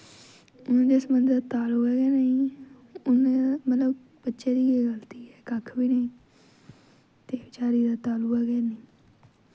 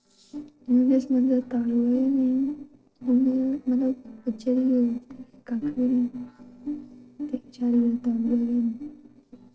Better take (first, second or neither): first